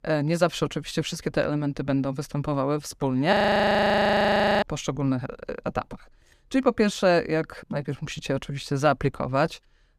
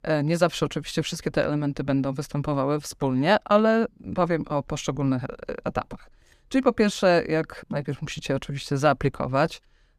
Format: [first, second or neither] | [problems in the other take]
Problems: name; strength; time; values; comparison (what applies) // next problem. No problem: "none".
second | audio freezing; at 3.5 s for 1.5 s